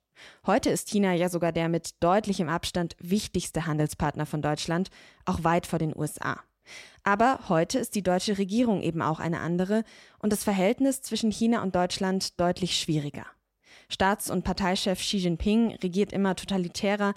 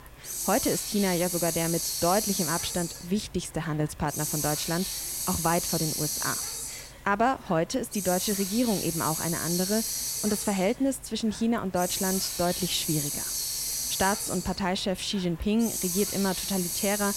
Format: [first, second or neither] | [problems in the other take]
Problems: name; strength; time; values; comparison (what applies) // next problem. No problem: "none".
first | hiss; loud; throughout; 1 dB below the speech